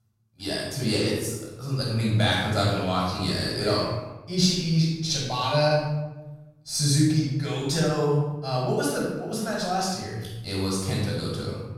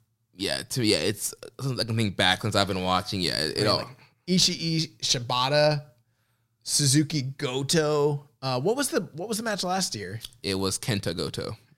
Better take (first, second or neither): second